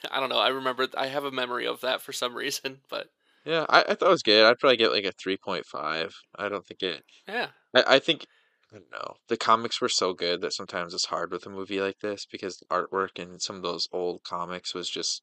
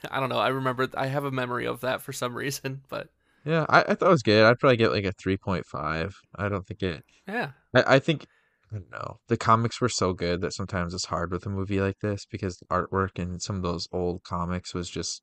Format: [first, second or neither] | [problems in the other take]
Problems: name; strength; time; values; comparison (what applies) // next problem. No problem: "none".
second | thin; somewhat; fading below 350 Hz